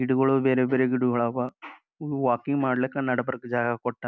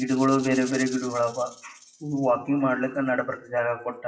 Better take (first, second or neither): first